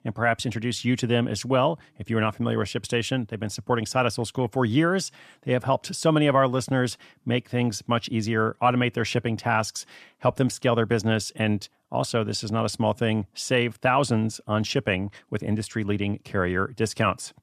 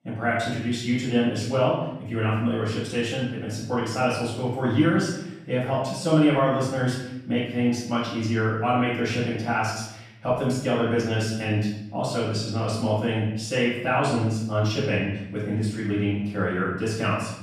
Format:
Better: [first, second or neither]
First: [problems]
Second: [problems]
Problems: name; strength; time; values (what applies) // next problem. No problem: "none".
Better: first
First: none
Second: off-mic speech; far // room echo; noticeable; dies away in 0.8 s